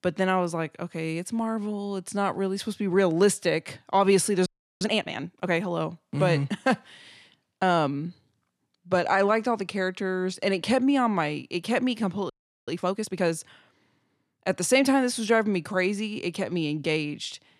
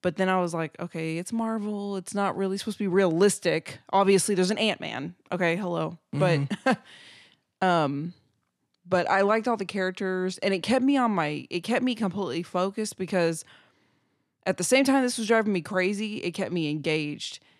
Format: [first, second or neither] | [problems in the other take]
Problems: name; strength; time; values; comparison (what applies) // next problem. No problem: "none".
second | audio freezing; at 4.5 s and at 12 s